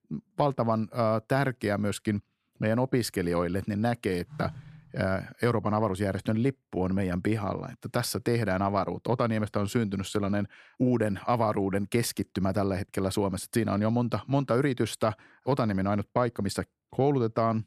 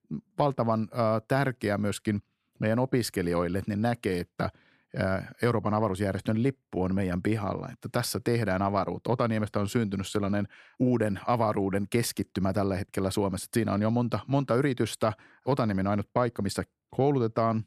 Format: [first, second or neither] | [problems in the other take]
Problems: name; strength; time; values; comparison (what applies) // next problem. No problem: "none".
second | phone ringing; faint; at 4.5 s; peak 15 dB below the speech